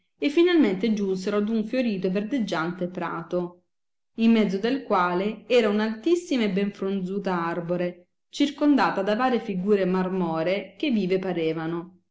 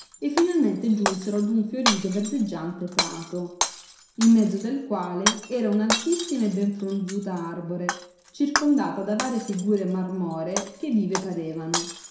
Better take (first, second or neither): first